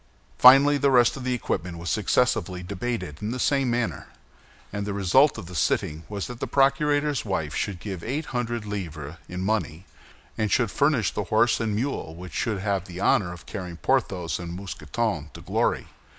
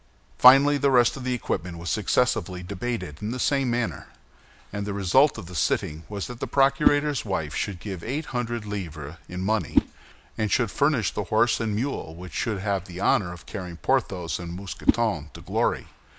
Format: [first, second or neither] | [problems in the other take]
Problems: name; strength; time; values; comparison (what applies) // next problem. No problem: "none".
first | background sound (Whoosh, swoosh, swish); 6 dB below the speech